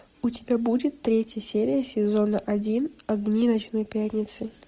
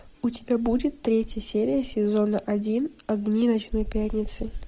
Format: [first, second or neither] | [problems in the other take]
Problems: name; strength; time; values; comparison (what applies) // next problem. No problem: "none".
first | background sound (Insect); 12 dB below the speech